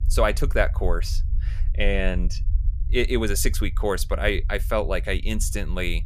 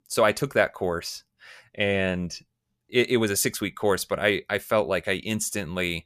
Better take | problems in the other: second | low rumble; faint; throughout; 25 dB below the speech

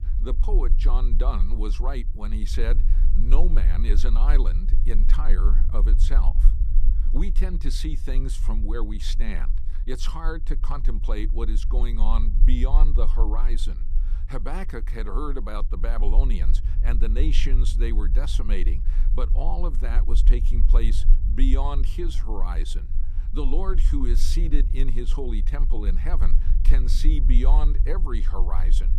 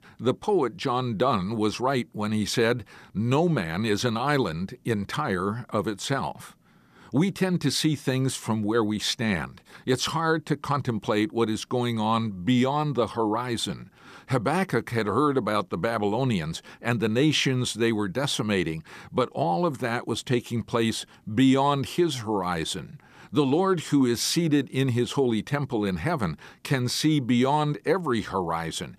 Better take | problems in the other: second | low rumble; noticeable; throughout; 10 dB below the speech

